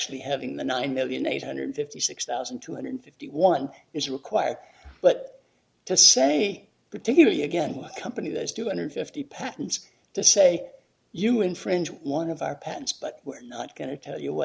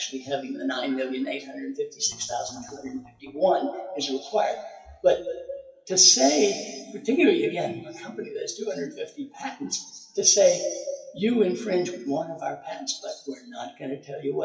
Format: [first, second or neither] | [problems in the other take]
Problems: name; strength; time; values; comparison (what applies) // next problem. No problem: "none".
first | noise reduction (classical method WPE with log-MMSE)